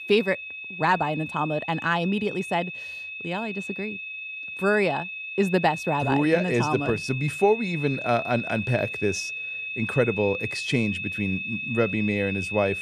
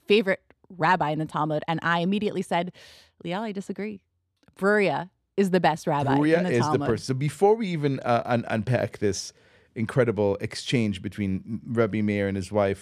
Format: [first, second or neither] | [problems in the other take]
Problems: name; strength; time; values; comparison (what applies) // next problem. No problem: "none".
second | high-pitched whine; loud; throughout; 2.5 kHz, 6 dB below the speech